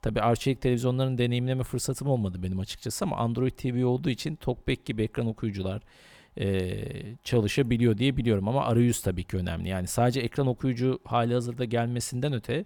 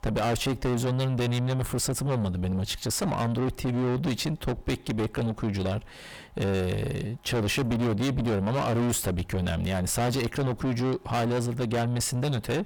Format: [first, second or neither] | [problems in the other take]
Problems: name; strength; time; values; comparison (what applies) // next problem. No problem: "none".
first | distortion; heavy; 5 dB below the speech